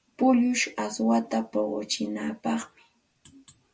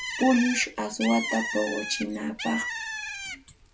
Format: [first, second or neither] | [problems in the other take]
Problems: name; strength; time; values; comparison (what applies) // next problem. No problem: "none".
first | background sound (Bird); 6 dB below the speech